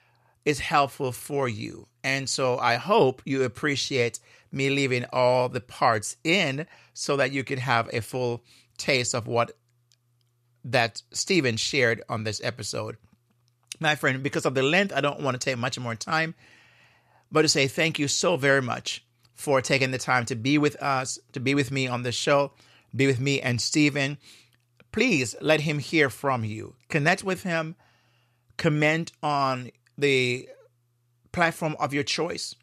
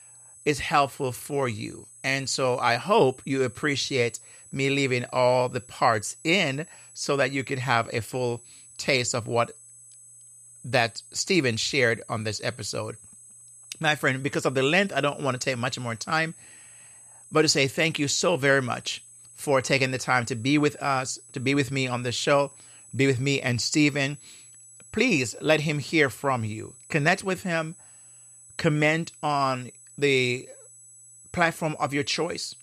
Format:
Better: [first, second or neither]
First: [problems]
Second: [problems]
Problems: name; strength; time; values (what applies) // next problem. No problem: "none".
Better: first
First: none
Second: high-pitched whine; faint; throughout; 8 kHz, 20 dB below the speech